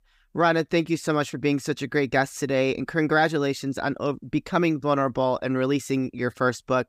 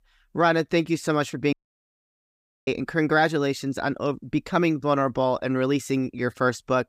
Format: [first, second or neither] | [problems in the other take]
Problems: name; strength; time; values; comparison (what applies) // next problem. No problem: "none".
first | audio cutting out; at 1.5 s for 1 s